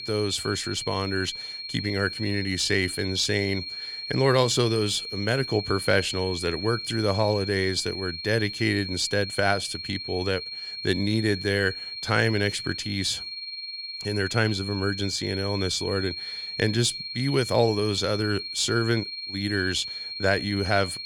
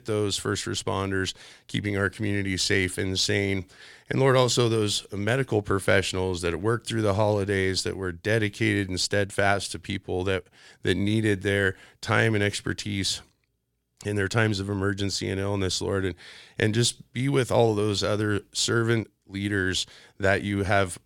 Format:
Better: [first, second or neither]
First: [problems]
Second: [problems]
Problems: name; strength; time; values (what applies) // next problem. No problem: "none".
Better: second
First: high-pitched whine; loud; throughout; 4.5 kHz, 7 dB below the speech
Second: none